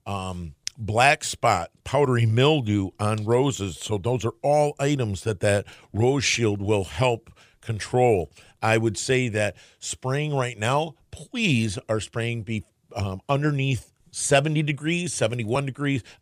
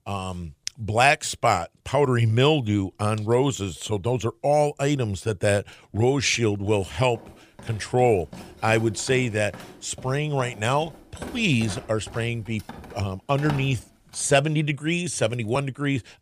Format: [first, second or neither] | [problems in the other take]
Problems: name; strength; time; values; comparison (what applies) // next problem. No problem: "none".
first | footsteps; faint; from 6.5 to 14 s; peak 10 dB below the speech